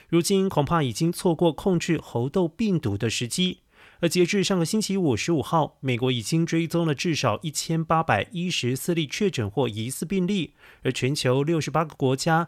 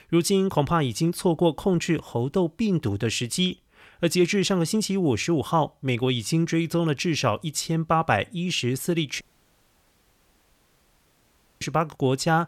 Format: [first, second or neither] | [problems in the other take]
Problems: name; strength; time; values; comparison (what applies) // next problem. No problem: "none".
first | audio cutting out; at 9 s for 2.5 s